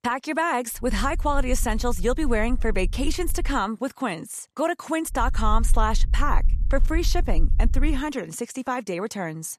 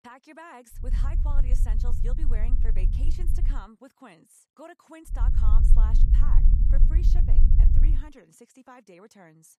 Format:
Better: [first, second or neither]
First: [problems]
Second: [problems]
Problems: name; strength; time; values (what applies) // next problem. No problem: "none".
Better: first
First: low rumble; faint; from 1 to 3.5 s and from 5 to 8 s; 25 dB below the speech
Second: low rumble; loud; from 1 to 3.5 s and from 5 to 8 s; 1 dB below the speech